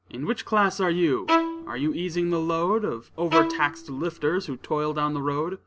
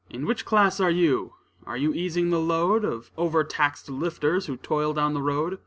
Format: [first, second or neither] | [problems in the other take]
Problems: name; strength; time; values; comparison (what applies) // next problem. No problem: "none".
second | background sound (Bowed string instrument); 4 dB below the speech